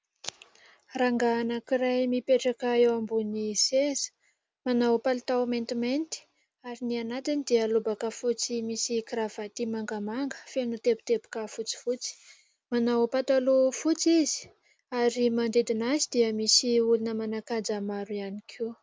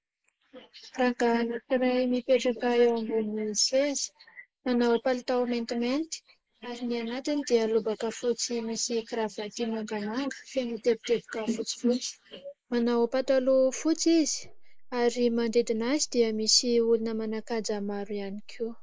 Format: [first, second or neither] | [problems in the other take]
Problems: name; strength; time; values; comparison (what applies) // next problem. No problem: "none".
first | noise reduction (neural mask model Resemble Enhance denoiser)